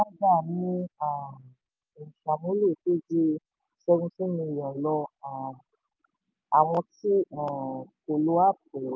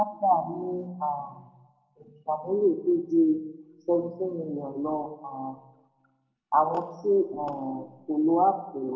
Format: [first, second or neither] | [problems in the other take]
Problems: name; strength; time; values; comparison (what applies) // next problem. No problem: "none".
first | room echo; dies away in 0.7 s